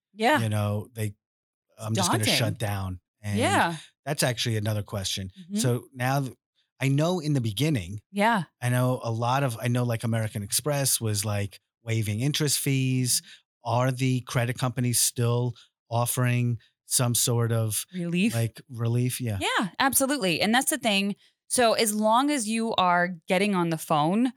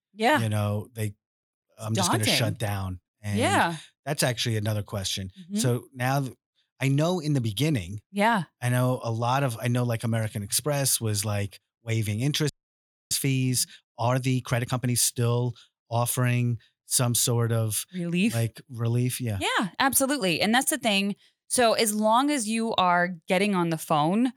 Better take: first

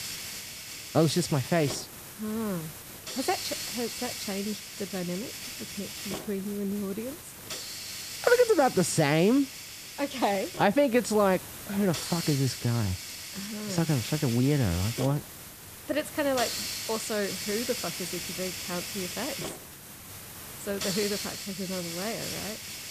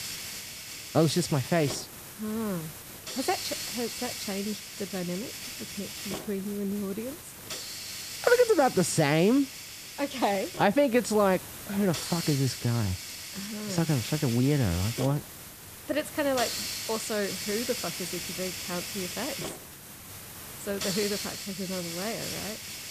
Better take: neither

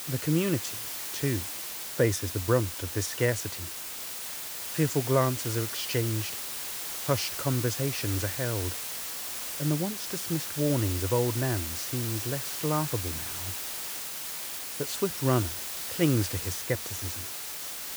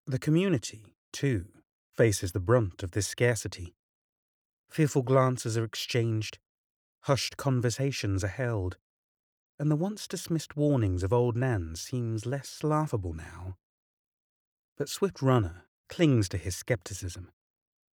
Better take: second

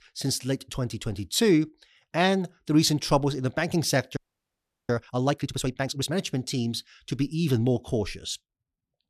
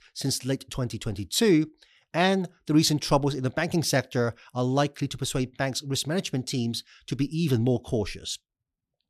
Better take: second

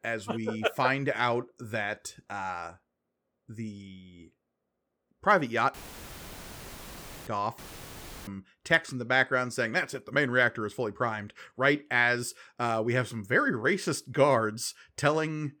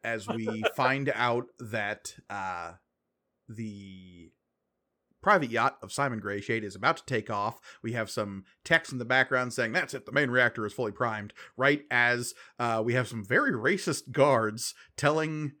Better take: second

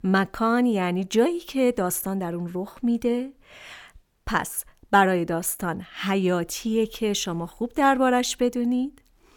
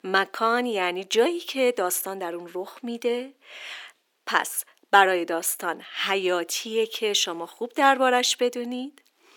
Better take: first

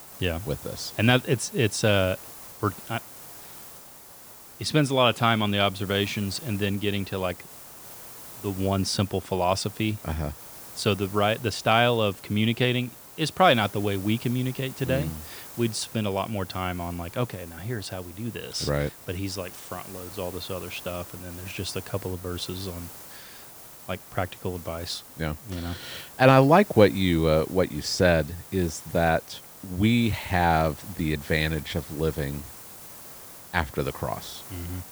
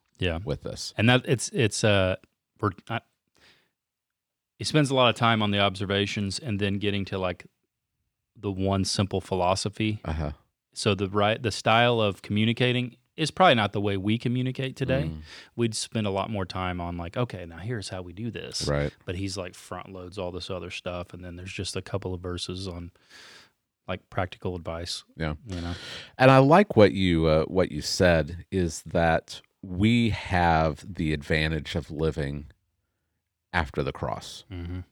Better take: second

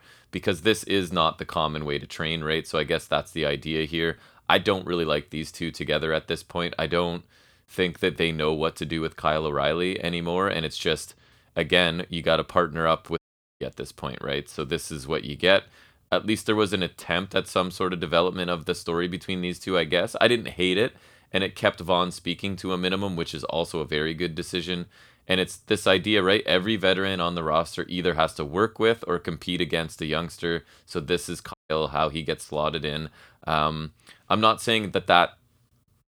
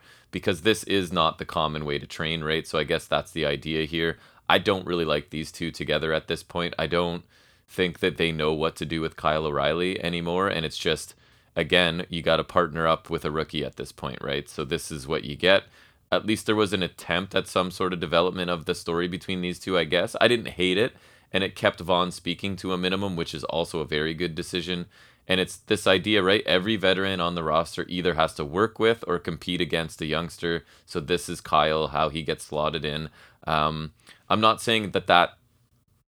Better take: second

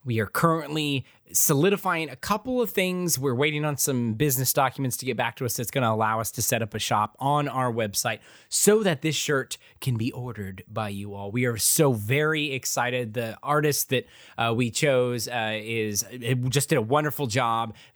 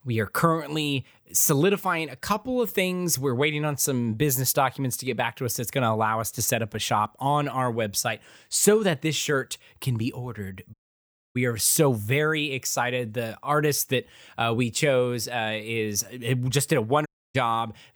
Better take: first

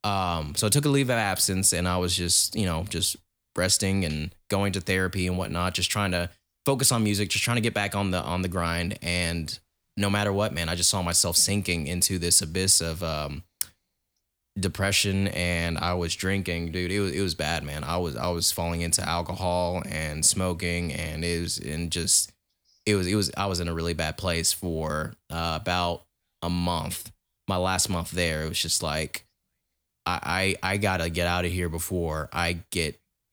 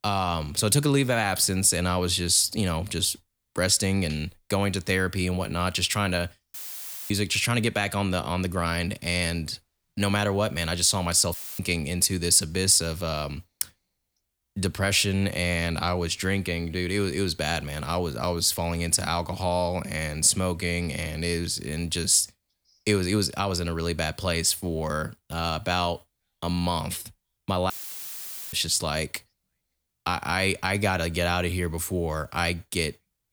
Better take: first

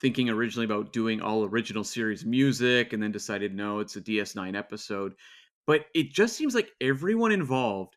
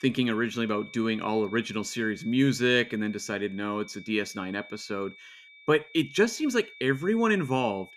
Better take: first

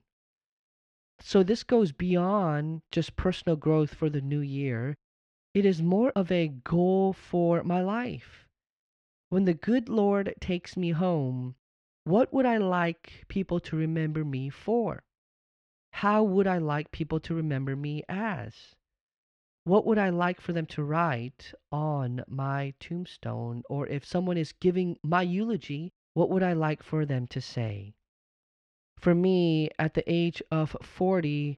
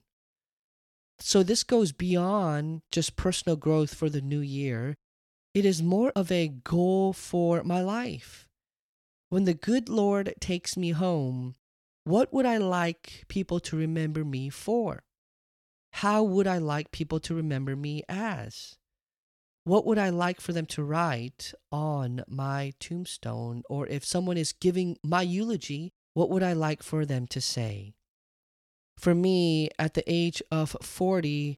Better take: second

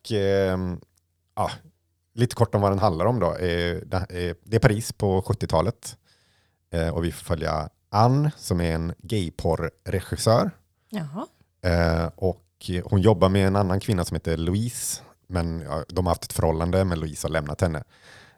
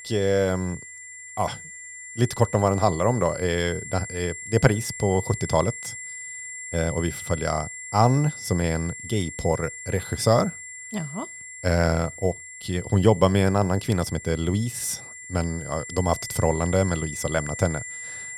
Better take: first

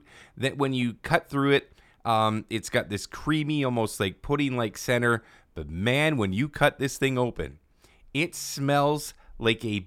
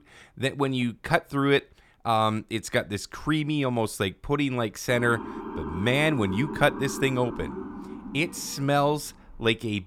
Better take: first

